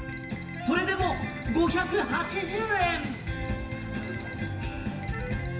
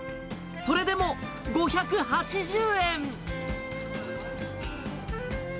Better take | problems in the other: second | background sound (Alarm); 19 dB below the speech // room echo; dies away in 1 s

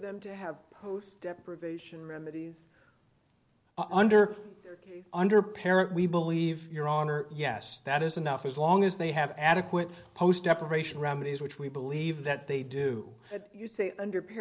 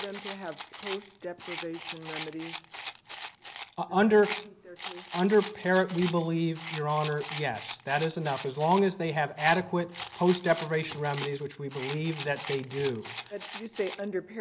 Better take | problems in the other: first | background sound (Rattle); 13 dB below the speech

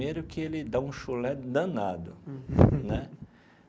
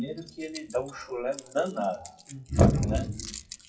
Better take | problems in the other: first | noise reduction (classical method WPE with log-MMSE)

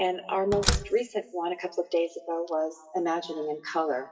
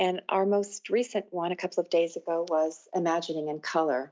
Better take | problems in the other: second | noise reduction (classical method WPE with log-MMSE)

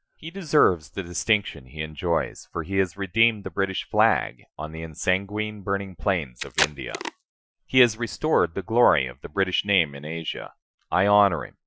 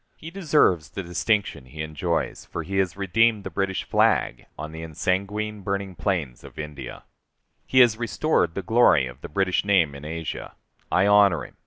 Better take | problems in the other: second | noise reduction (classical method Wiener filter)

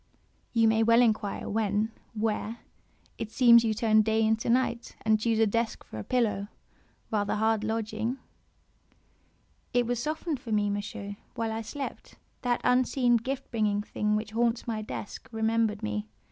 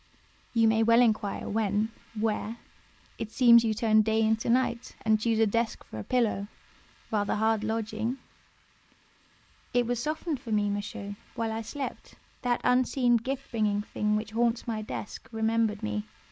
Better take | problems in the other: first | noise reduction (neural mask model Resemble Enhance denoiser)

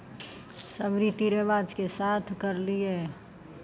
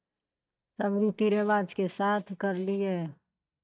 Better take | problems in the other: first | noise reduction (neural mask model DeepFilterNet 3)

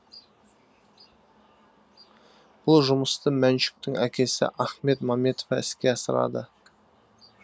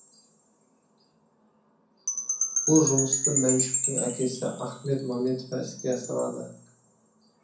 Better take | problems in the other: first | background sound (Wind chime / Percussion); 1 dB below the speech // room echo; dies away in 0.6 s

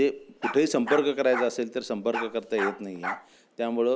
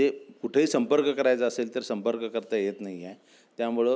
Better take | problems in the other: second | background sound (Bark); 9 dB below the speech

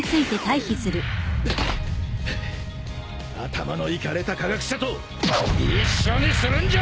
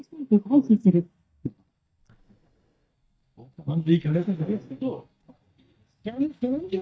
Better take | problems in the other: first | noise reduction (neural mask model DeepFilterNet 3)

